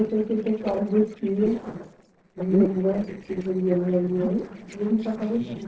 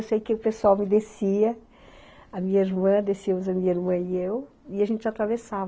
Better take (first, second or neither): second